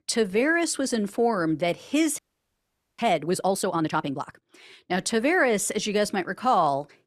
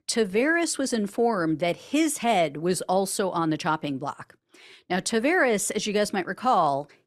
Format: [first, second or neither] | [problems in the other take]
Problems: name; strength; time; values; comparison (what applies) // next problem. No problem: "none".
second | audio freezing; at 2 s for 1 s